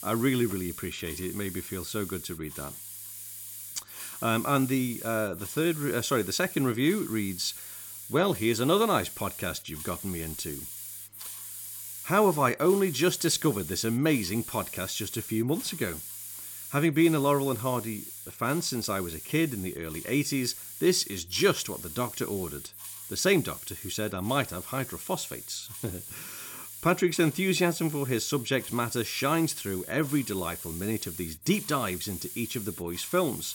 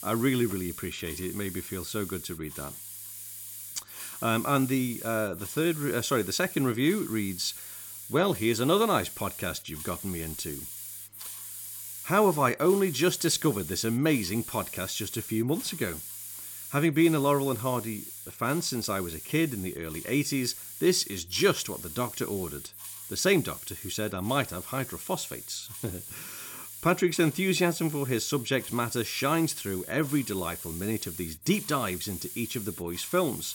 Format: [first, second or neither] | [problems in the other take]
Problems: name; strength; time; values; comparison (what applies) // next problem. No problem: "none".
neither | hiss; loud; throughout; 10 dB below the speech; the same in both